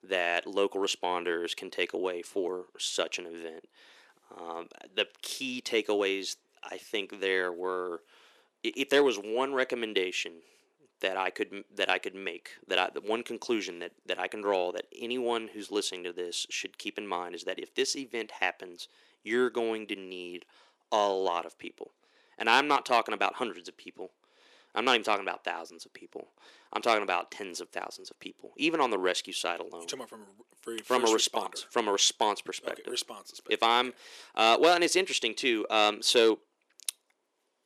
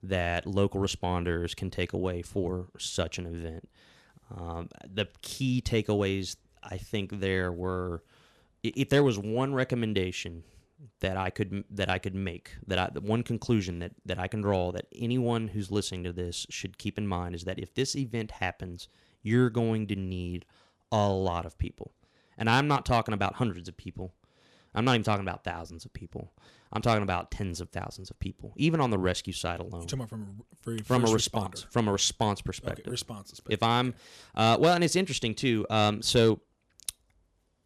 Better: second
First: thin; somewhat; fading below 350 Hz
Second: none

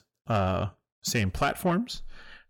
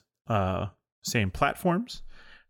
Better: second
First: distortion; slight; 10 dB below the speech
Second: none

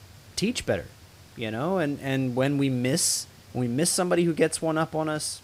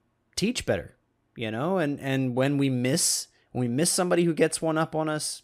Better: second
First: hiss; faint; throughout; 25 dB below the speech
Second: none

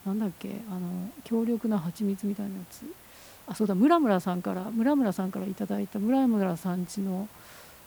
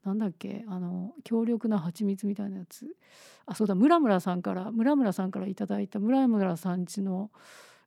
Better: second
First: hiss; faint; throughout; 20 dB below the speech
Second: none

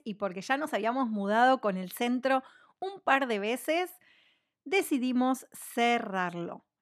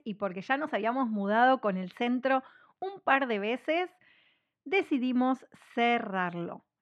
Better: first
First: none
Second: muffled; slightly; fading above 2.5 kHz

